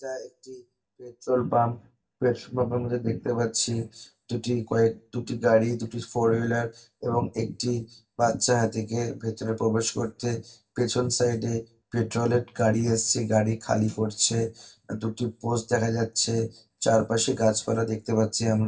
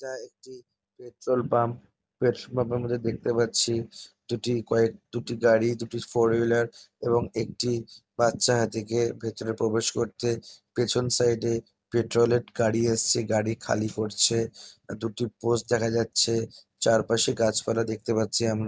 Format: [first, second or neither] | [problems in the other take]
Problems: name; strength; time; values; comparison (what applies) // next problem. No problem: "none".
second | room echo; dies away in 0.2 s